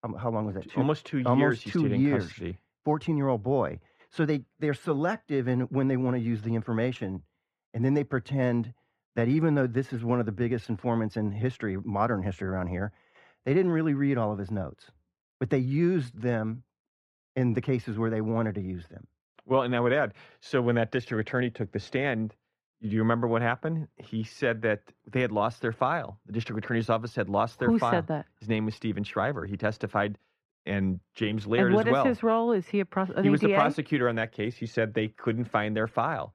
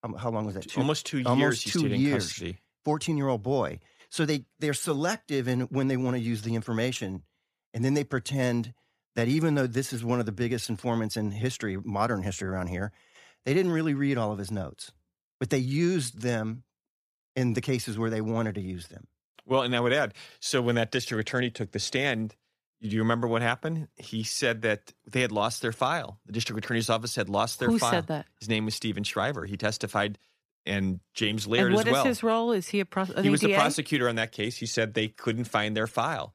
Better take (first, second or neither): second